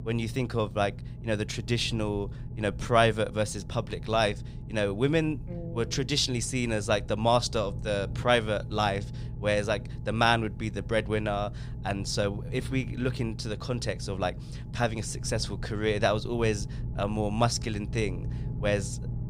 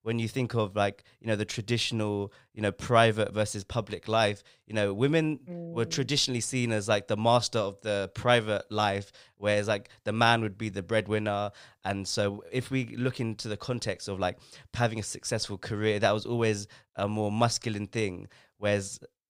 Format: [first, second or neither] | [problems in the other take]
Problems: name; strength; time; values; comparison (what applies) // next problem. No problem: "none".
second | low rumble; faint; throughout; 20 dB below the speech